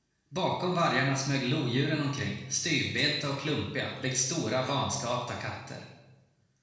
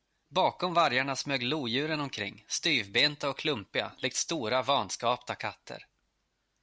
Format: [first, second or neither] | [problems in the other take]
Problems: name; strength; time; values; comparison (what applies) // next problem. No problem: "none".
second | room echo; dies away in 1 s